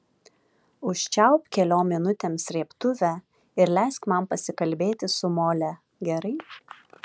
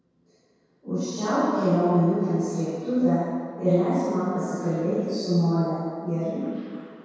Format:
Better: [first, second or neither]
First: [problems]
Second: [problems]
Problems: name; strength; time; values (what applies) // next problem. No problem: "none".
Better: first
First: none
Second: room echo; dies away in 1.9 s